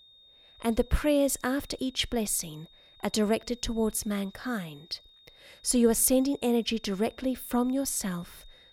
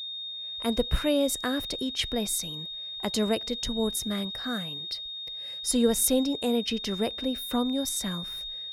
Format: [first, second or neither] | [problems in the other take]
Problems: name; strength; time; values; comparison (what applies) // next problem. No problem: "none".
first | high-pitched whine; loud; throughout; 3.5 kHz, 5 dB below the speech; faint in the first